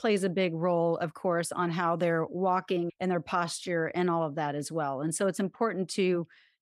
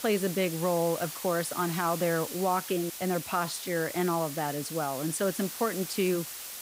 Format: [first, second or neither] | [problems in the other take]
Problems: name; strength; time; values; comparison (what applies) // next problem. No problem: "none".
first | hiss; loud; throughout; 7 dB below the speech